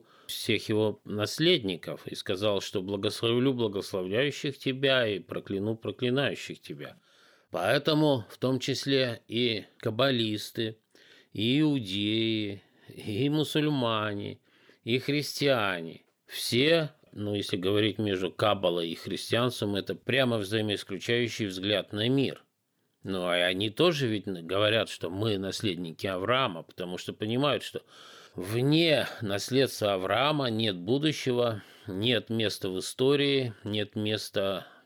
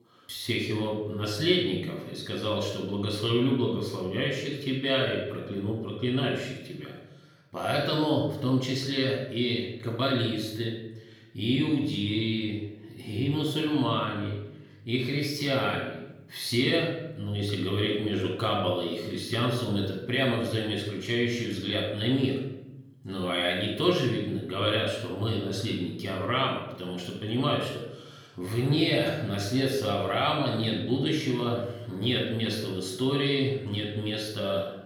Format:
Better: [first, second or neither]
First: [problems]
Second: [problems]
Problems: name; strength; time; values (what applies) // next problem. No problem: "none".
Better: first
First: none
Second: off-mic speech; somewhat distant // room echo; noticeable; dies away in 0.8 s